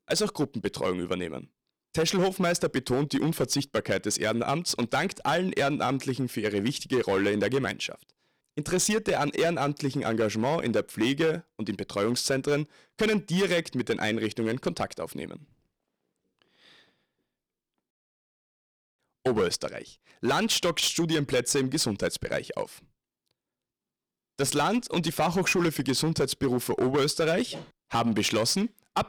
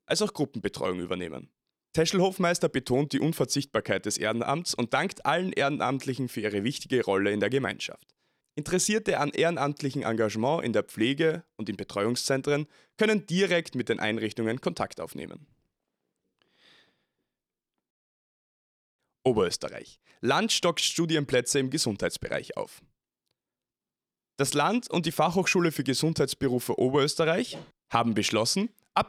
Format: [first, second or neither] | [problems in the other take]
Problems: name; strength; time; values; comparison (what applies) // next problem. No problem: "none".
second | distortion; slight; 7% of the sound clipped